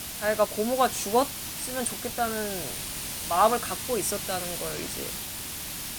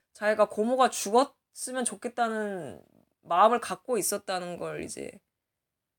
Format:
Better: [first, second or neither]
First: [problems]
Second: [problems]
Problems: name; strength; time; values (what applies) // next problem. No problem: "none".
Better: second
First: hiss; loud; throughout; 4 dB below the speech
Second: none